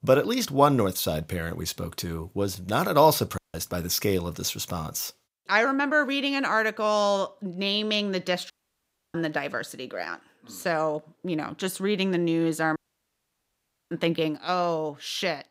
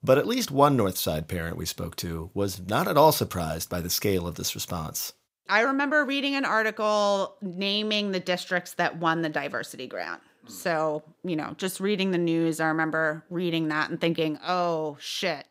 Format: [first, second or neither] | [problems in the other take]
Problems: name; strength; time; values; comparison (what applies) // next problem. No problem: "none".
second | audio cutting out; at 3.5 s, at 8.5 s for 0.5 s and at 13 s for 1 s